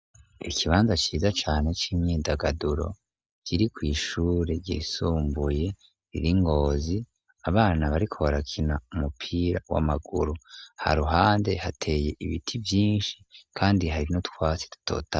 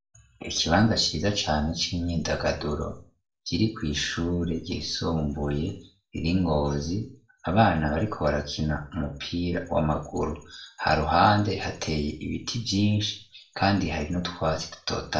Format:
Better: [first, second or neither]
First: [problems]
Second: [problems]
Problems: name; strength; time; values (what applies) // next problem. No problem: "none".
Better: first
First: none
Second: room echo; dies away in 0.4 s